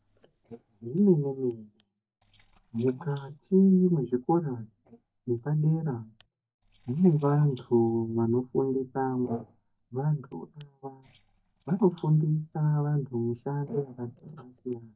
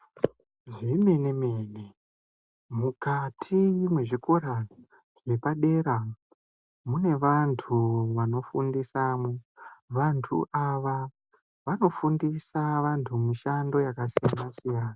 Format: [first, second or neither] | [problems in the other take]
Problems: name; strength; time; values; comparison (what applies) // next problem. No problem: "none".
second | noise reduction (neural mask model DeepFilterNet 3)